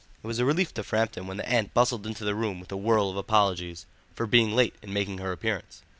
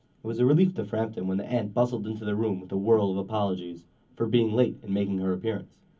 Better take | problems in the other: first | room echo; dies away in 0.3 s

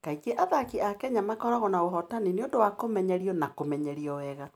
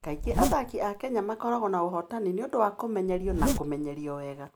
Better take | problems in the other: first | background sound (Zipper (clothing)); 2 dB below the speech

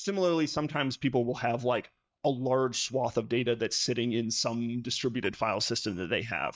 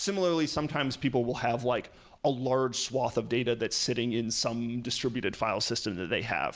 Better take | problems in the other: second | noise reduction (neural mask model DeepFilterNet 3)

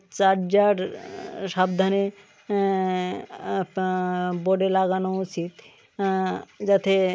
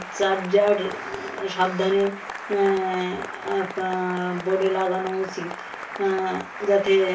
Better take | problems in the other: first | background sound (Applause); 11 dB below the speech // room echo; dies away in 0.3 s

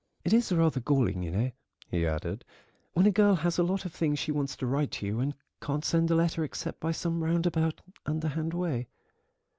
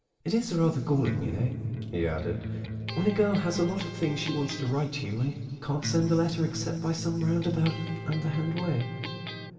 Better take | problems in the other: first | background sound (Electric guitar); 8 dB below the speech // room echo; dies away in 2.9 s

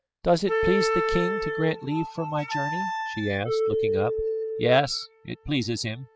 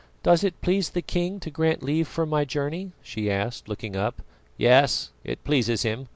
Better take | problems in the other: second | noise reduction (classical method spectral subtraction)

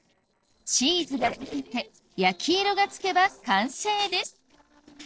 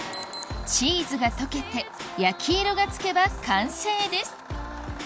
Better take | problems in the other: second | noise reduction (neural separator model SepFormer DNS4)

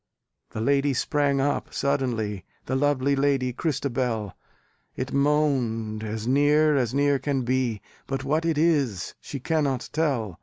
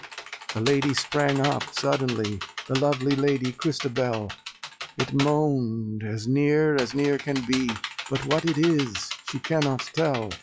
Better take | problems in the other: first | noise reduction (classical method log-MMSE)

